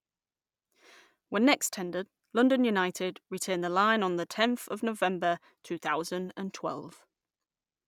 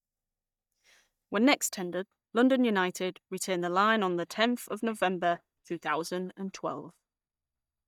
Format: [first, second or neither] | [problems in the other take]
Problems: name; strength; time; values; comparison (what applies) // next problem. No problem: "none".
first | noise reduction (neural mask model DeepFilterNet 3)